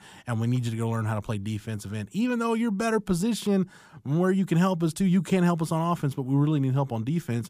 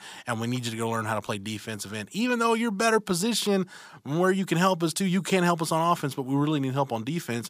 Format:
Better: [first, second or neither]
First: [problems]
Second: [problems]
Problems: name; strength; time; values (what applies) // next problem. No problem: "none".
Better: first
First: none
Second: thin; somewhat; fading below 550 Hz